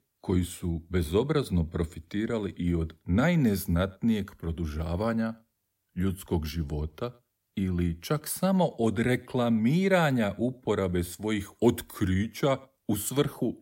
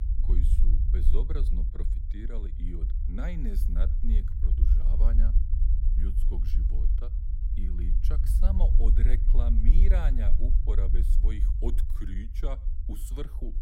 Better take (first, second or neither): first